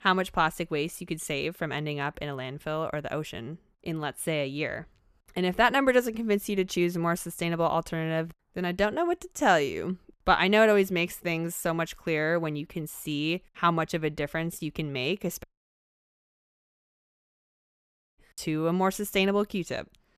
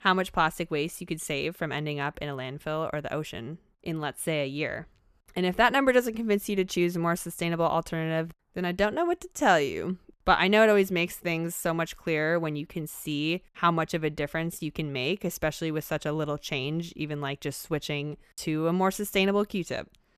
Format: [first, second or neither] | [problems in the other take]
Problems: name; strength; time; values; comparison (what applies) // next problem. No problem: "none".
second | audio cutting out; at 15 s for 2.5 s